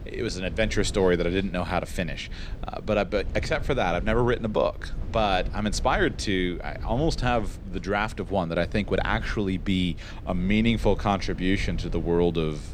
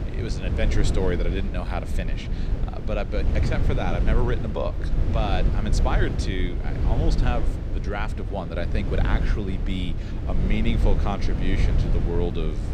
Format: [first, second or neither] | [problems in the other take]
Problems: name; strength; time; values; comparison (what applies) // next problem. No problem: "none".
first | low rumble; loud; throughout; 6 dB below the speech; faint in the first